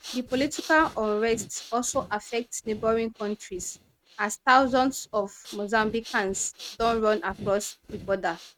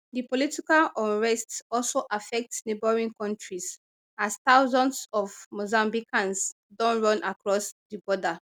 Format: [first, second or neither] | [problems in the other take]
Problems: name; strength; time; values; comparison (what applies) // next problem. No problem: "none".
second | noise reduction (neural mask model RNNoise)